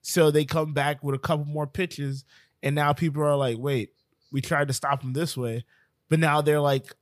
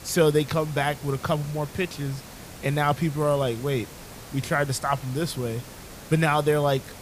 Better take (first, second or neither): first